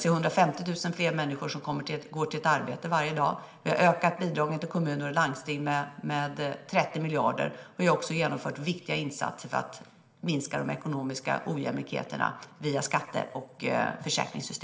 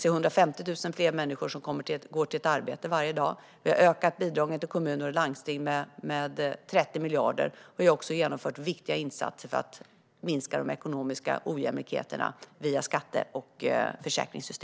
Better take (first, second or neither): second